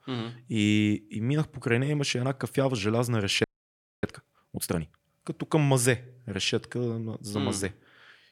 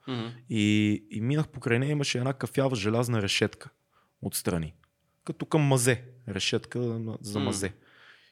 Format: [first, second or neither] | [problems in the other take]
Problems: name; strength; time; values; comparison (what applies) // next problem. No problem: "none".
second | audio freezing; at 3.5 s for 0.5 s